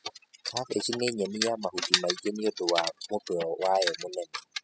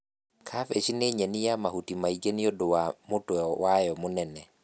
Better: second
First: noise reduction (classical method spectral subtraction)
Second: none

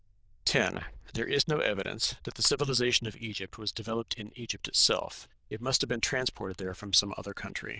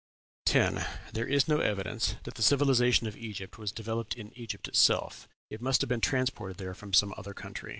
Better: second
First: noise reduction (neural diffusion model UNIVERSE++)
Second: none

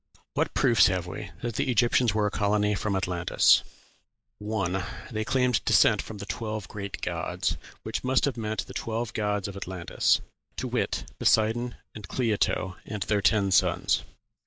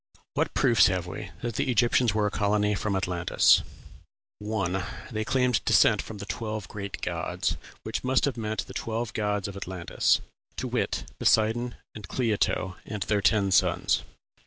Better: second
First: noise reduction (neural mask model Resemble Enhance denoiser)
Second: none

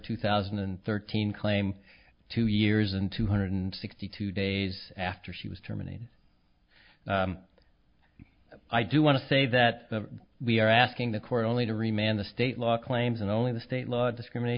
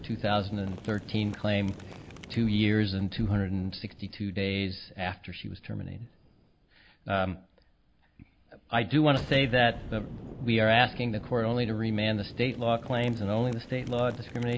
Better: first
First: none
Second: background sound (Boom); 16 dB below the speech

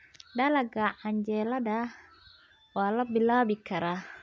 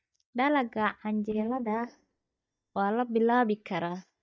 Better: first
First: none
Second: noise reduction (neural mask model DeepFilterNet 3)

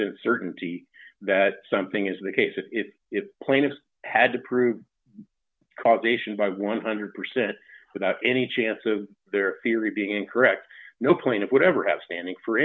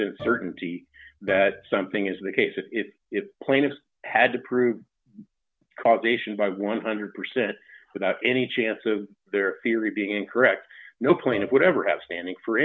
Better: first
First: none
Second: background sound (Bowed string instrument); 16 dB below the speech

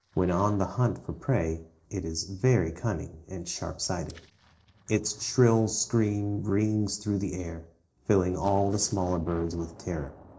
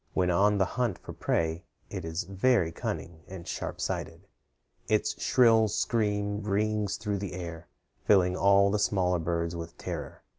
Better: second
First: noise reduction (neural separator model SepFormer DNS4)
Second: none

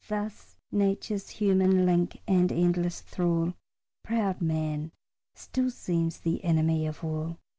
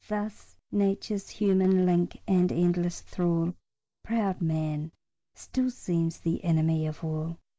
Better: first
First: none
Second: noise reduction (neural mask model Resemble Enhance denoiser)

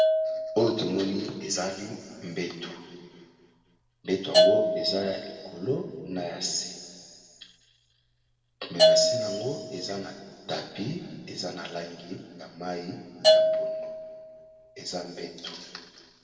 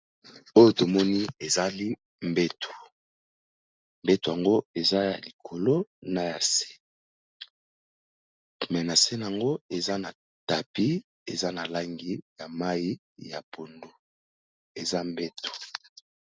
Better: second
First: background sound (Bell / Percussion); 4 dB above the speech // room echo; dies away in 2.1 s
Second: none

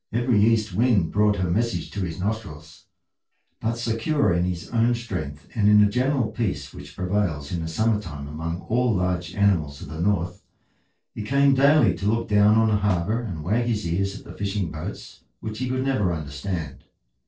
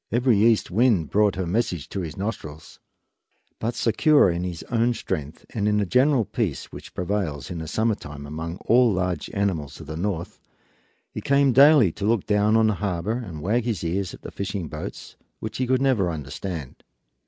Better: second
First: noise reduction (neural separator model SepFormer DNS4)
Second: none

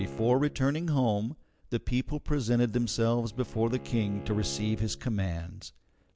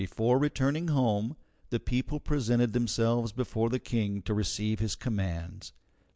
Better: second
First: background sound (Bowed string instrument); 17 dB below the speech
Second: none

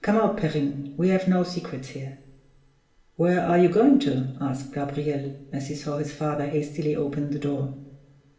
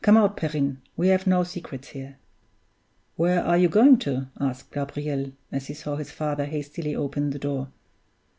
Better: second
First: room echo; dies away in 0.8 s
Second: none

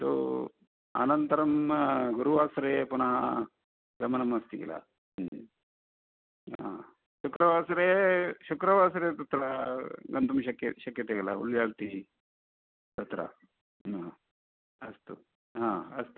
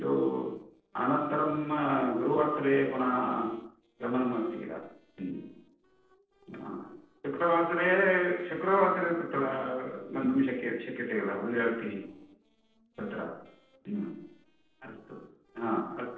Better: first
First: none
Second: noise reduction (neural separator model SepFormer DNS4)

